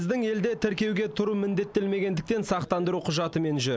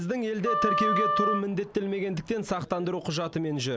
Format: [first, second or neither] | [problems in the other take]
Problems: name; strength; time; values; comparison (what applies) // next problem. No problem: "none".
first | background sound (Wind instrument, woodwind instrument); 1 dB above the speech